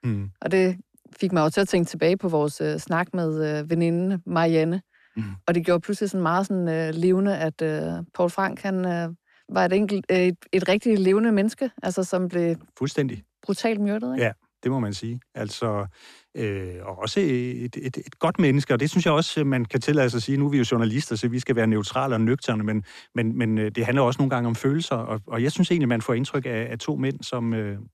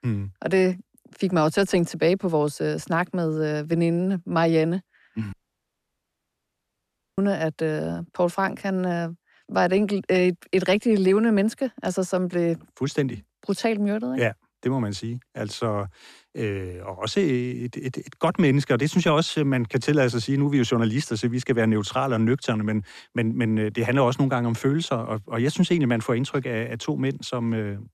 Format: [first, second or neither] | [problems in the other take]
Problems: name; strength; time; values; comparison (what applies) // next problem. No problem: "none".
first | audio cutting out; at 5.5 s for 2 s